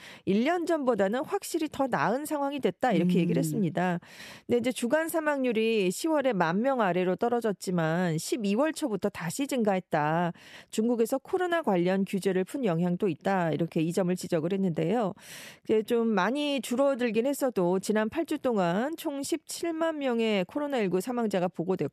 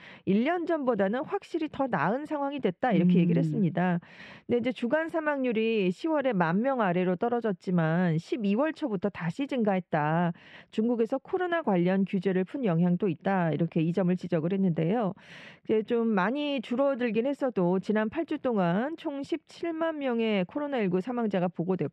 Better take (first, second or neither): first